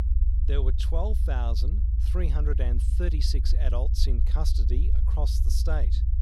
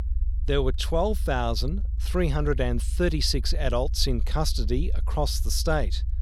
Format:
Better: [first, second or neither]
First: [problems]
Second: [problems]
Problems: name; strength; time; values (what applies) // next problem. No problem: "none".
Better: second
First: low rumble; loud; throughout; 8 dB below the speech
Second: low rumble; faint; throughout; 20 dB below the speech